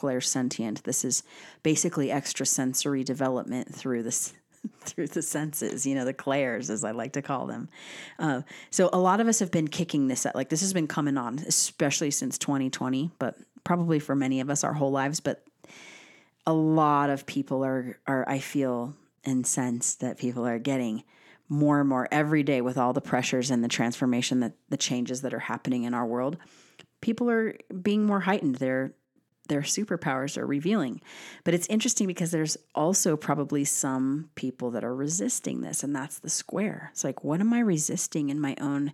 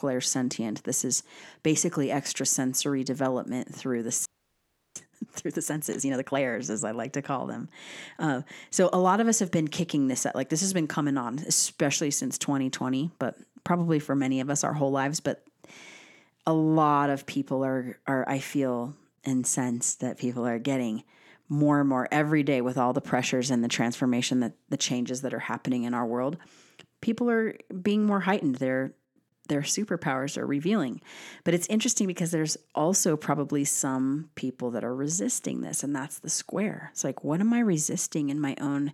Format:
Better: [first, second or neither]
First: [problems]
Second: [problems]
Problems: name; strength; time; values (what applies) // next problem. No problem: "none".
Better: first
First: none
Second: audio freezing; at 4.5 s for 0.5 s